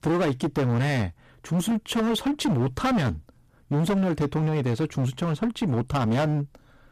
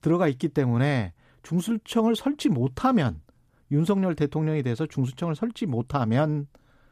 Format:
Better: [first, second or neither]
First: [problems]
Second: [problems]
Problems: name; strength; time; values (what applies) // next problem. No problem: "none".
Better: second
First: distortion; heavy; 21% of the sound clipped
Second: none